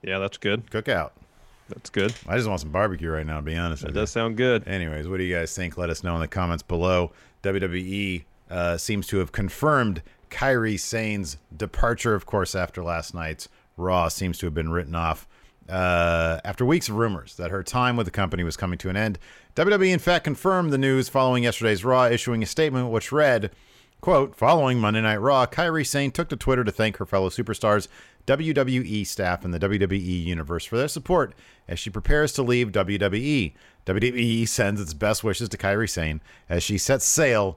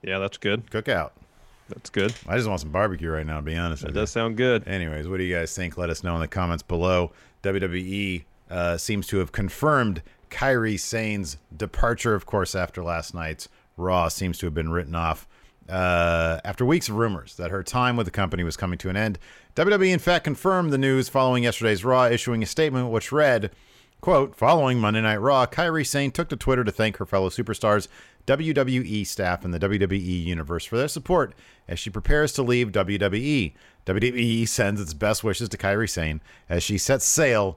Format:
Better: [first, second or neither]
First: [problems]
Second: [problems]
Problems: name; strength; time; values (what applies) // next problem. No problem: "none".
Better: neither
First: none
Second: none